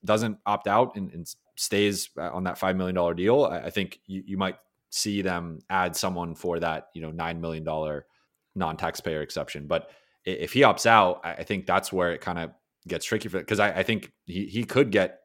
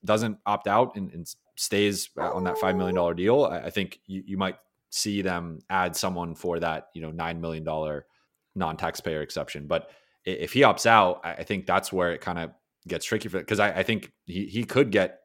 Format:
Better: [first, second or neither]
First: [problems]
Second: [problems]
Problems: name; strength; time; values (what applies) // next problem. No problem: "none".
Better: first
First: none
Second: dog barking; noticeable; at 2 s; peak 4 dB below the speech